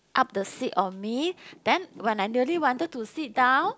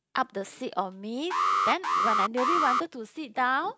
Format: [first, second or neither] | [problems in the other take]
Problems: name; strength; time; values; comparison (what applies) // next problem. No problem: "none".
first | noise reduction (neural mask model RNNoise)